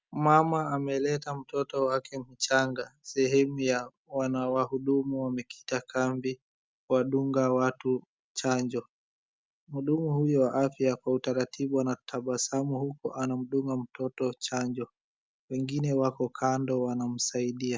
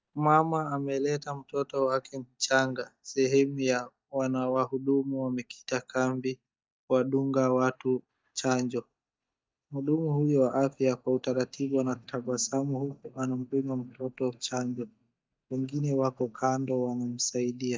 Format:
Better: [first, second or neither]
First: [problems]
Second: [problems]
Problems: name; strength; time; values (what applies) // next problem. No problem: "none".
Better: first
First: none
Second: noise reduction (neural mask model DeepFilterNet 3)